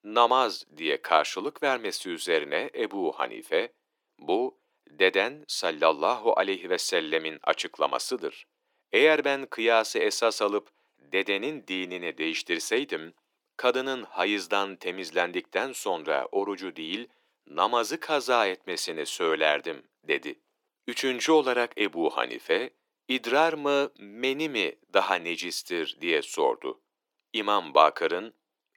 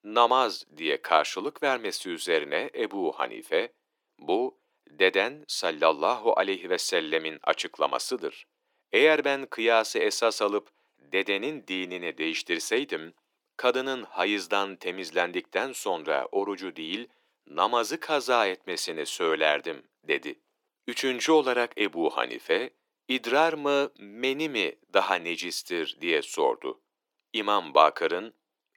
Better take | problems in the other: neither | thin; very slightly; fading below 300 Hz; the same in both

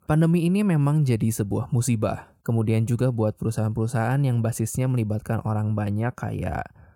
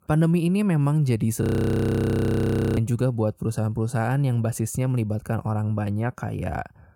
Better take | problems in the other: first | audio freezing; at 1.5 s for 1.5 s

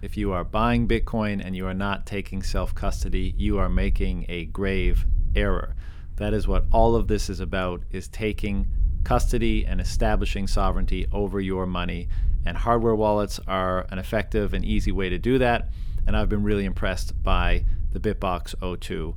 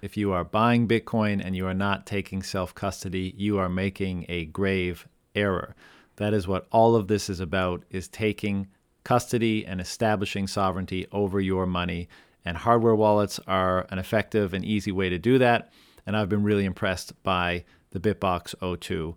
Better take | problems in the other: second | low rumble; faint; throughout; 25 dB below the speech

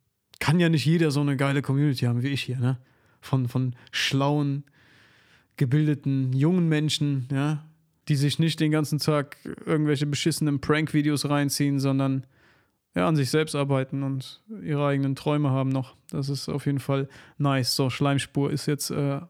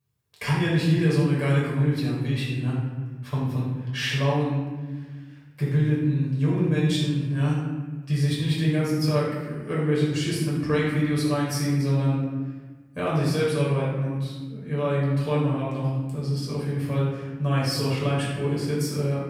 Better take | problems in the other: first | room echo; noticeable; dies away in 1.2 s // off-mic speech; far

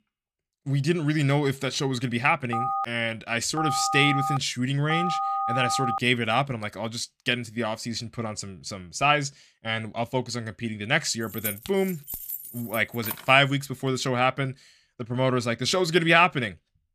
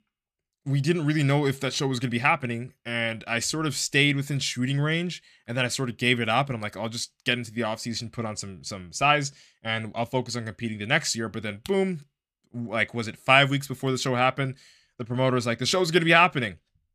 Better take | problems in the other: second | phone ringing; noticeable; from 2.5 to 6 s; peak 1 dB below the speech // jangling keys; noticeable; from 11 to 13 s; peak 7 dB below the speech

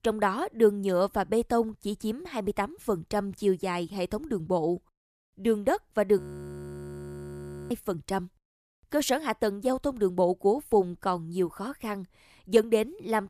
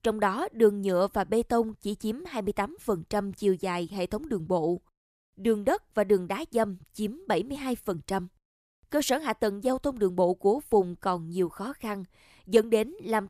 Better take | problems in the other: second | audio freezing; at 6 s for 1.5 s

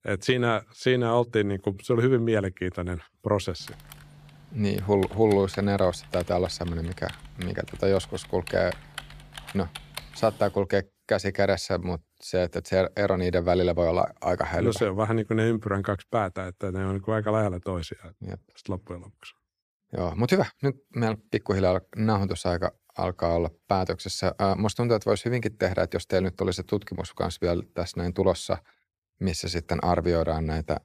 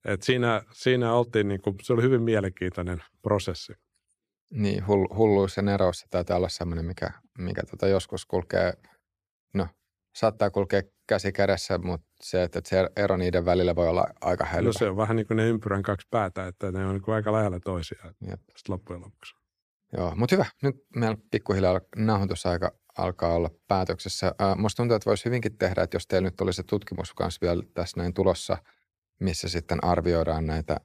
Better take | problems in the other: second | keyboard typing; faint; from 3.5 to 11 s; peak 10 dB below the speech

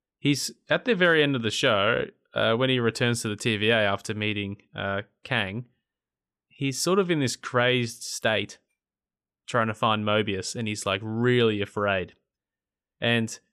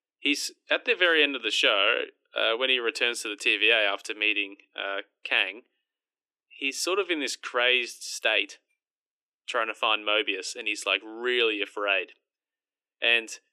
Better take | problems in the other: first | thin; somewhat; fading below 300 Hz

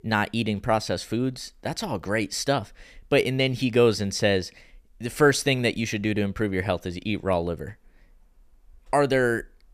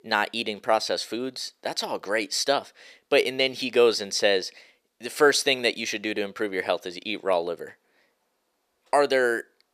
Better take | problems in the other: first | thin; somewhat; fading below 450 Hz

